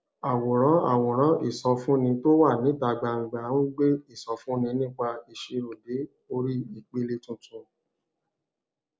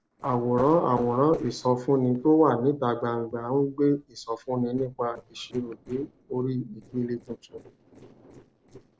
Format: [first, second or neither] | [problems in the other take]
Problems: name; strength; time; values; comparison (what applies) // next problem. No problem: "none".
first | noise reduction (neural separator model SepFormer DNS4)